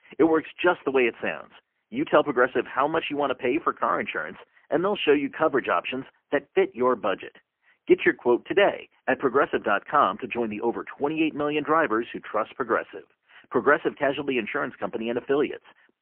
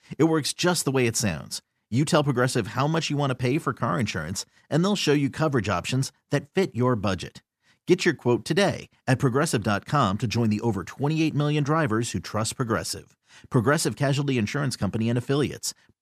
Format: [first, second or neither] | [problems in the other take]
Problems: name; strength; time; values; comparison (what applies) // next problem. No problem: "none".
second | phone-call audio; poor line; nothing above 3 kHz